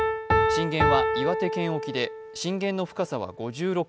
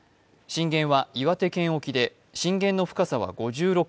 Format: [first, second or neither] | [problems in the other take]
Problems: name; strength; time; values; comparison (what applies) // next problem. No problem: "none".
second | background sound (Piano); 2 dB above the speech